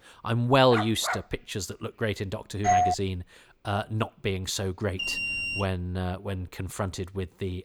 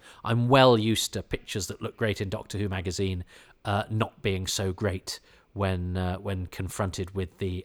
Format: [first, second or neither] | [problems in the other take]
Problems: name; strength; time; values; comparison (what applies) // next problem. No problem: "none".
second | dog barking; noticeable; at 0.5 s; peak 2 dB below the speech // doorbell; loud; at 2.5 s; peak 6 dB above the speech // alarm; loud; at 5 s; peak 1 dB above the speech